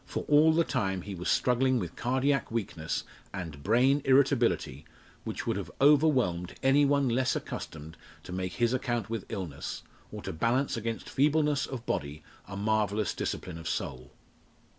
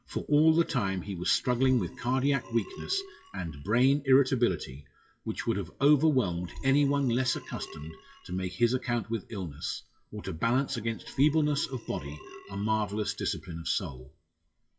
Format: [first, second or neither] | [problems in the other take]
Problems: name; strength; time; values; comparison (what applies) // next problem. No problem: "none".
first | noise reduction (classical method WPE with log-MMSE)